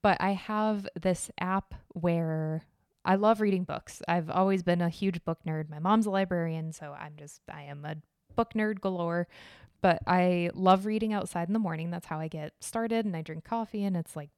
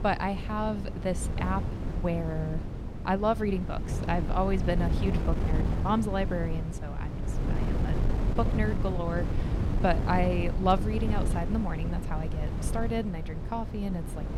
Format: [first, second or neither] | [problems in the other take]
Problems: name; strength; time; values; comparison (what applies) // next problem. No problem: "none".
first | wind noise on the microphone; heavy; 8 dB below the speech